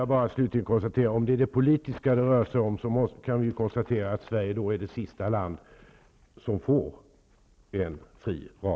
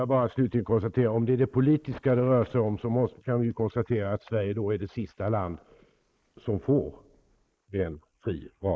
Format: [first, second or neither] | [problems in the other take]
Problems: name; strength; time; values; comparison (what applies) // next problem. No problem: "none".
first | noise reduction (neural mask model Resemble Enhance denoiser)